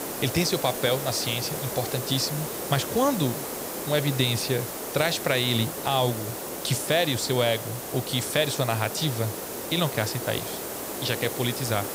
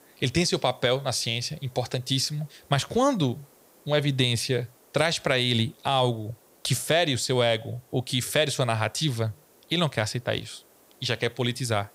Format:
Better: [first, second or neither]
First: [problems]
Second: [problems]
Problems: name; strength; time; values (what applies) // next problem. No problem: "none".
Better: second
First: hiss; loud; throughout; 5 dB below the speech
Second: hiss; faint; throughout; 30 dB below the speech